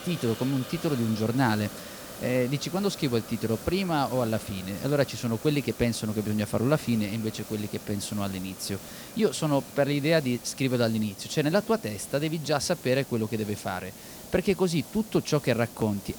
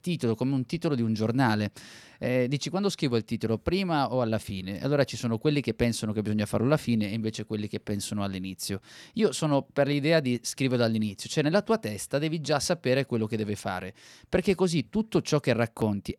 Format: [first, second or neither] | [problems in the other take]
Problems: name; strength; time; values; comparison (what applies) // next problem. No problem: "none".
second | hiss; noticeable; throughout; 15 dB below the speech